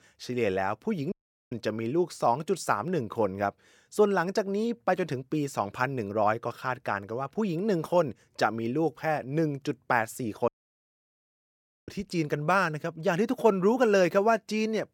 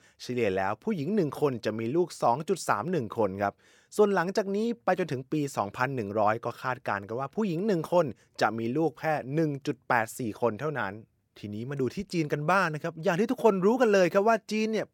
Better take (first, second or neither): second